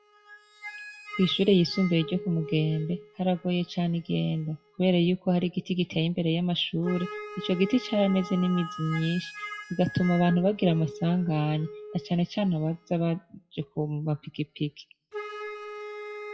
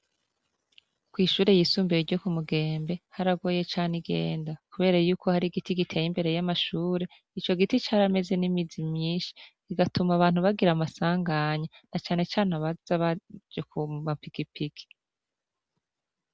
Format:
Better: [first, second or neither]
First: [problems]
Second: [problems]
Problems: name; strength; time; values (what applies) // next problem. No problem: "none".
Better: second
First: noise reduction (classical method WPE with log-MMSE)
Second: none